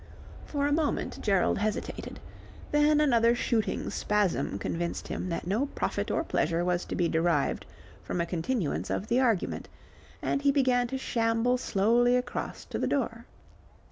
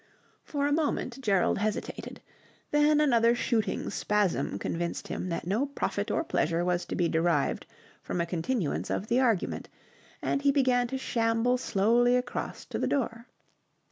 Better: second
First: background sound (Aircraft); 16 dB below the speech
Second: none

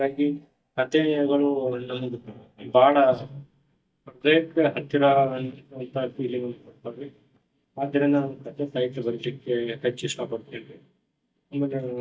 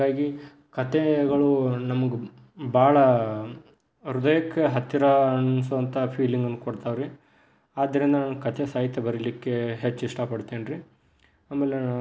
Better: second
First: noise reduction (neural mask model DeepFilterNet 3)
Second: none

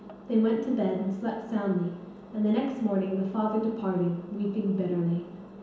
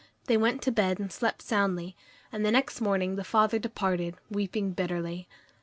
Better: second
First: background sound (Engine); 17 dB below the speech // room echo; dies away in 1 s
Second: none

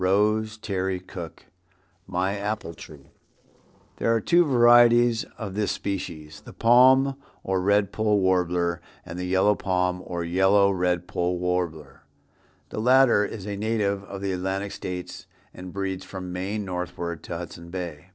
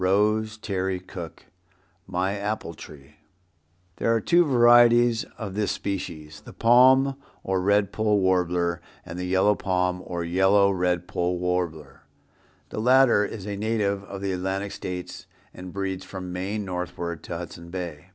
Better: second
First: noise reduction (neural separator model SepFormer DNS4)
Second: none

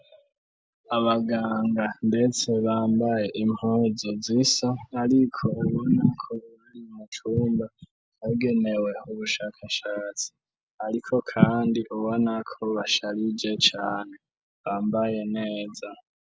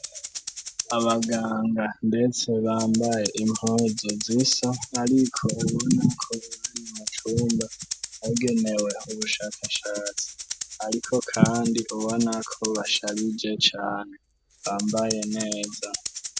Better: first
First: none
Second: background sound (Rattle (instrument)); 9 dB below the speech

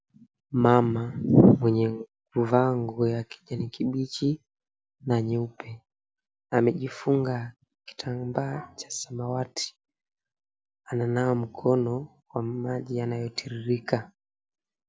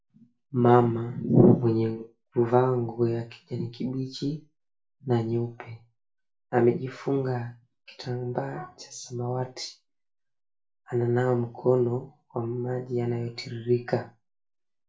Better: first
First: none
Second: room echo; dies away in 0.3 s

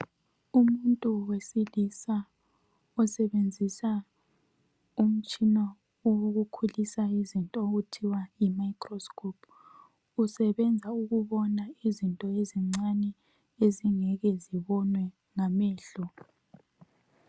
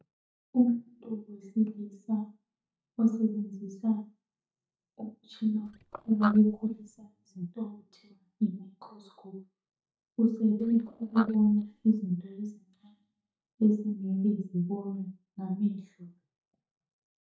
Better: first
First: none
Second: noise reduction (neural mask model DeepFilterNet 3)

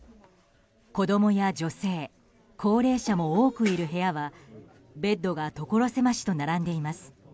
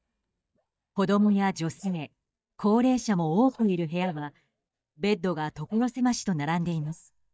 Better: first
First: none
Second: noise reduction (neural mask model DeepFilterNet 3)

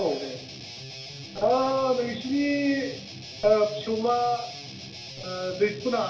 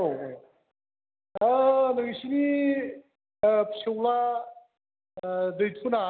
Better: second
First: background sound (Guitar); 13 dB below the speech // room echo; dies away in 0.3 s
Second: none

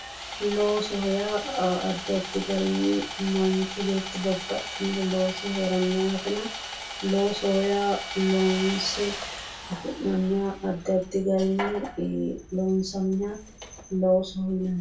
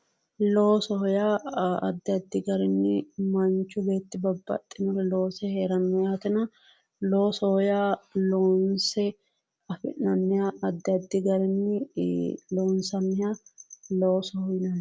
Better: second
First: background sound (Sawing); 10 dB below the speech // room echo; dies away in 0.2 s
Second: none

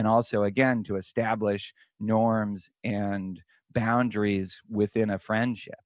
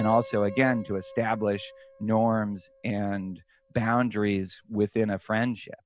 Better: first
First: none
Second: background sound (Piano); 19 dB below the speech

